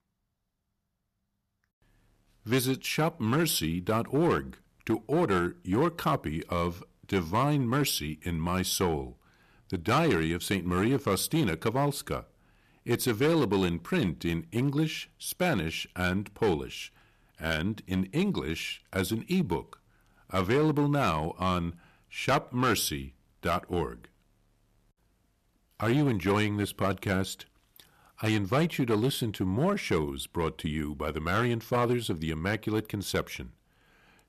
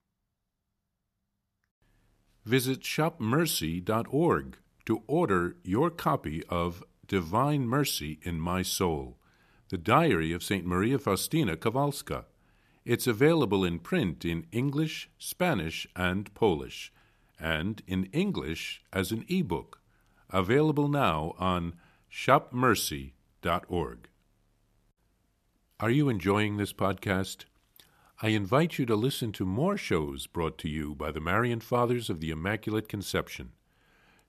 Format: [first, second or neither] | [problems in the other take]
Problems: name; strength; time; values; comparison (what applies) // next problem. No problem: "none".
second | distortion; slight; 4% of the sound clipped